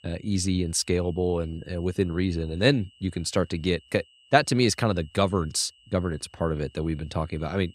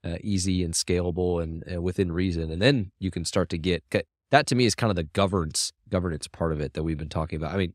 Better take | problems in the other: second | high-pitched whine; faint; throughout; 3 kHz, 30 dB below the speech

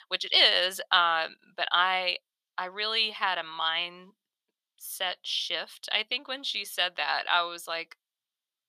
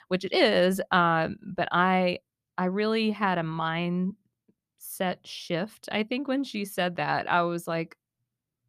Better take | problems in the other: second | thin; very; fading below 850 Hz

